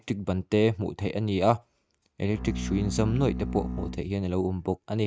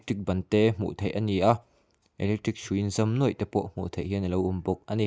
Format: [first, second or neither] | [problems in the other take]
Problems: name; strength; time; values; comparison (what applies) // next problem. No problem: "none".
second | noise reduction (neural mask model RNNoise)